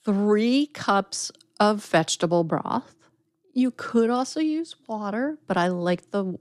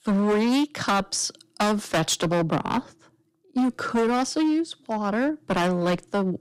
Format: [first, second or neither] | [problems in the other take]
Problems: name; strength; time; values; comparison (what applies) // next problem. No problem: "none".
first | distortion; heavy; 17% of the sound clipped